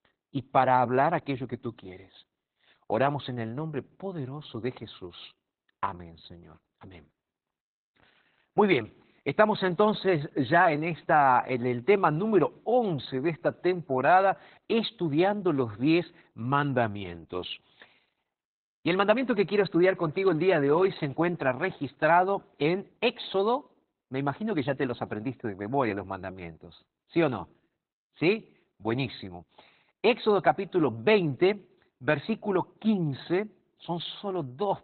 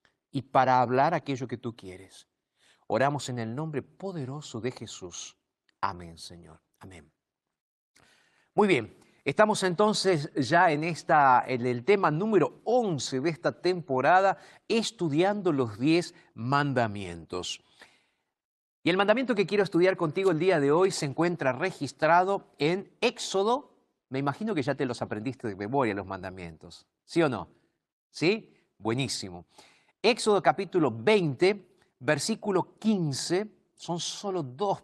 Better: second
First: garbled, watery; badly; nothing above 4 kHz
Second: garbled, watery; slightly

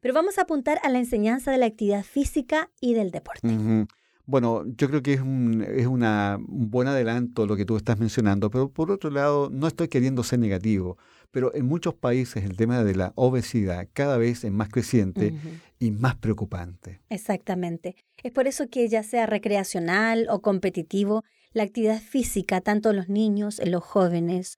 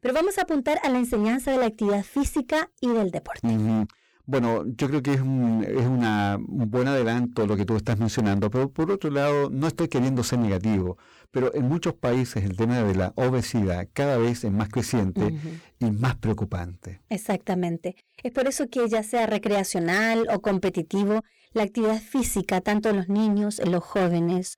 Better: first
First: none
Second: distortion; slight; 16% of the sound clipped

